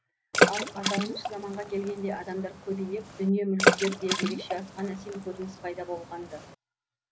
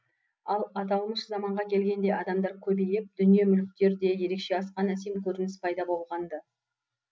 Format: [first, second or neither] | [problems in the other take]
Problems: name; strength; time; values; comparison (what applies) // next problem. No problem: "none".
second | background sound (Water / Splash, splatter); 3 dB above the speech